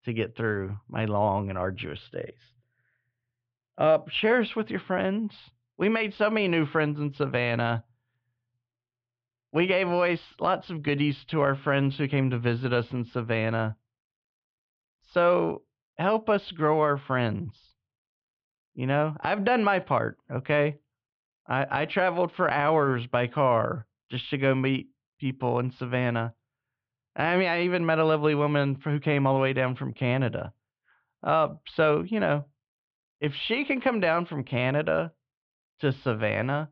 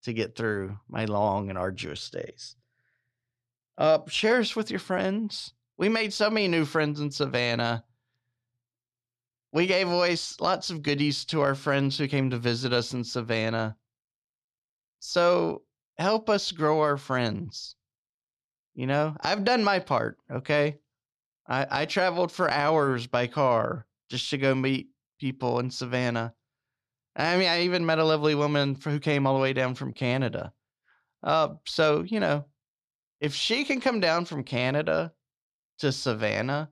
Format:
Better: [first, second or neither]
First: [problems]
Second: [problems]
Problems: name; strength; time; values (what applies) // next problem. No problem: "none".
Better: second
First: muffled; very; fading above 3 kHz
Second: none